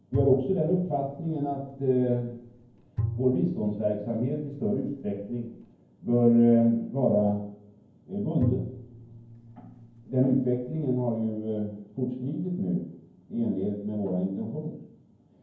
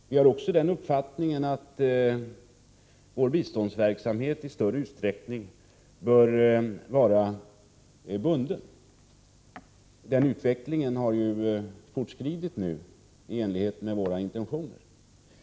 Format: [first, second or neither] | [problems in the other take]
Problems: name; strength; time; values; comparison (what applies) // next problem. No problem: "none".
second | background sound (Bowed string instrument); 10 dB below the speech // room echo; dies away in 0.9 s